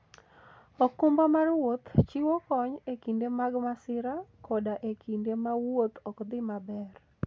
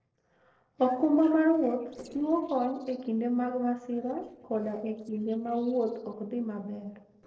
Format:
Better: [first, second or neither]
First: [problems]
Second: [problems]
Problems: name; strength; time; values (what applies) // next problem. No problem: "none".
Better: first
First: none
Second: noise reduction (neural separator model SepFormer DNS4)